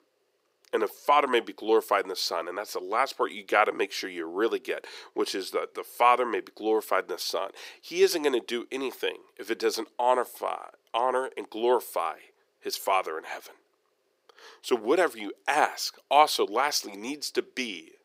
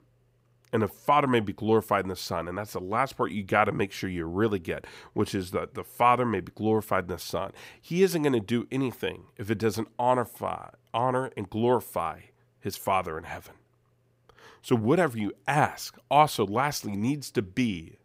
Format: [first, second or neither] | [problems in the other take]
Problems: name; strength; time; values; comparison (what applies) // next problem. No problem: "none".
second | thin; somewhat; fading below 350 Hz